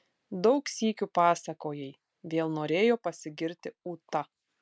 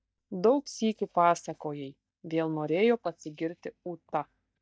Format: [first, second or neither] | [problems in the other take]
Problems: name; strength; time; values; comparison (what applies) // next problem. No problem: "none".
first | noise reduction (neural mask model DeepFilterNet 3)